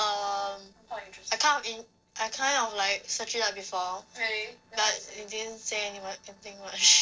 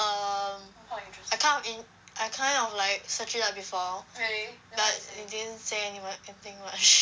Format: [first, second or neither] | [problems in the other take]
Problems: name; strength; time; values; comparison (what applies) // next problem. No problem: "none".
second | noise reduction (neural separator model SepFormer DNS4)